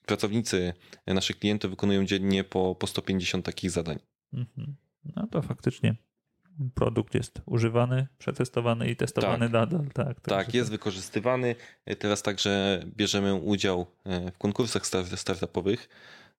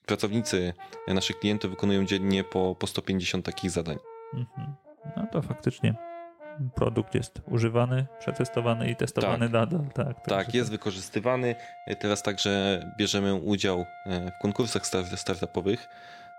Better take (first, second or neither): first